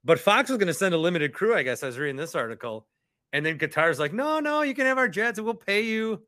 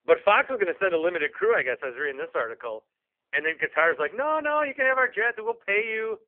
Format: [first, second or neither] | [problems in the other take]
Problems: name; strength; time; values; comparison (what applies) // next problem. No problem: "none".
first | phone-call audio; poor line